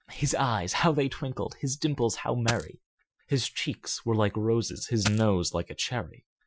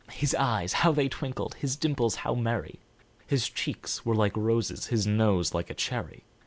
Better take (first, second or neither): second